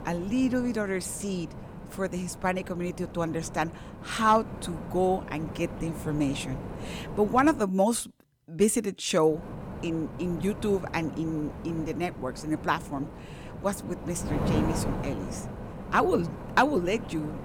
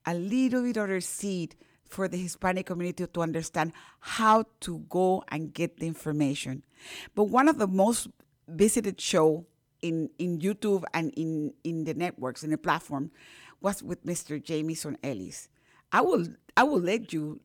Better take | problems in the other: second | wind noise on the microphone; occasional gusts; until 7.5 s and from 9.5 s on; 10 dB below the speech

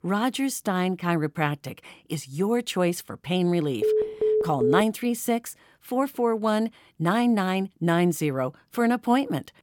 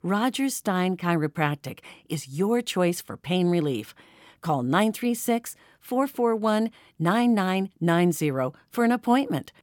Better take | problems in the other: second | phone ringing; loud; at 4 s; peak 1 dB above the speech

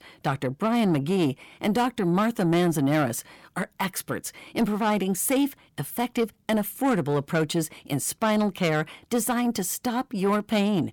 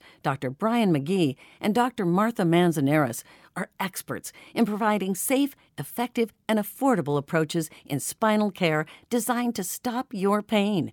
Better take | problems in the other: second | distortion; slight; 10 dB below the speech

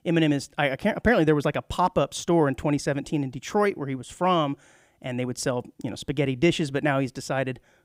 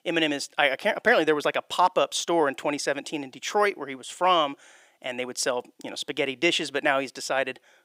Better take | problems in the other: first | thin; somewhat; fading below 450 Hz

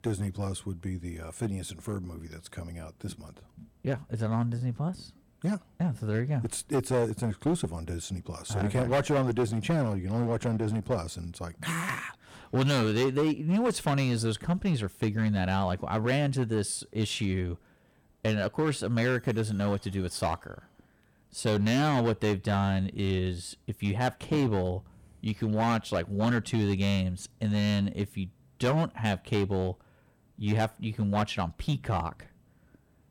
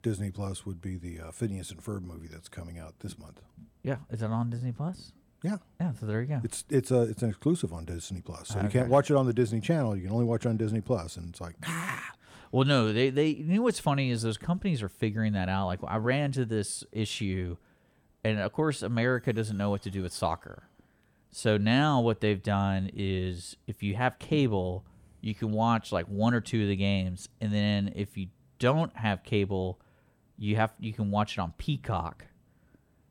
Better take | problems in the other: second | distortion; slight; 7% of the sound clipped

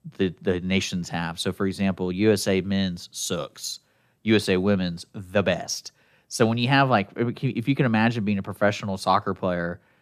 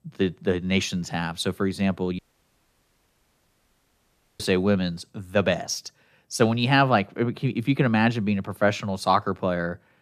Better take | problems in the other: first | audio cutting out; at 2 s for 2 s

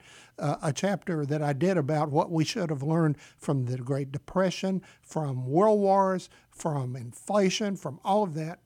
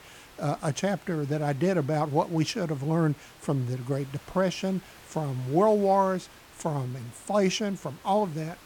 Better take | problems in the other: first | hiss; faint; throughout; 20 dB below the speech

